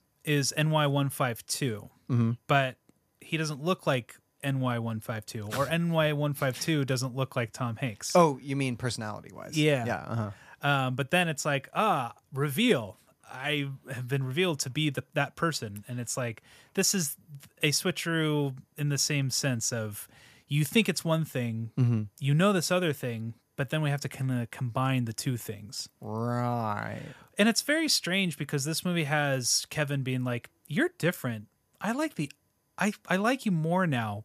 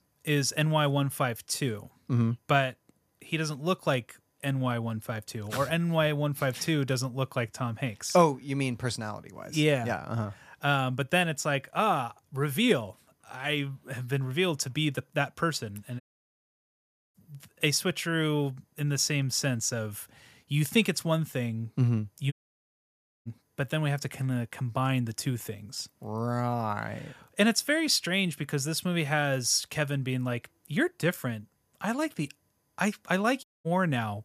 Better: first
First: none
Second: audio cutting out; at 16 s for 1 s, at 22 s for 1 s and at 33 s

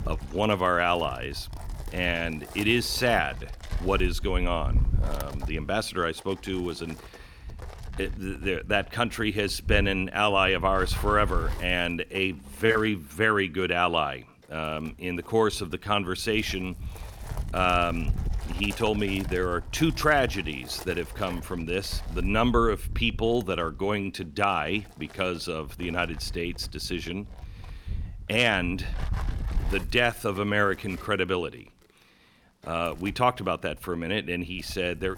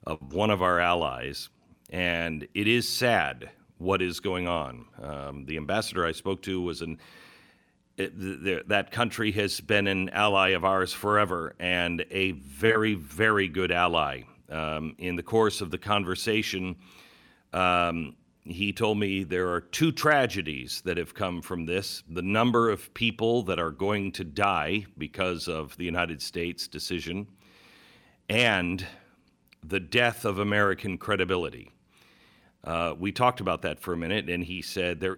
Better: second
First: wind noise on the microphone; occasional gusts; 20 dB below the speech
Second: none

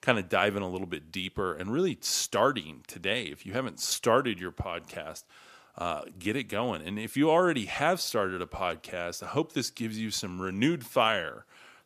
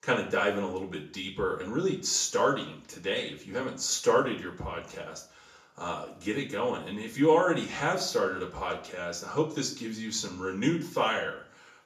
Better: first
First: none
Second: room echo; slight; dies away in 0.4 s // off-mic speech; far

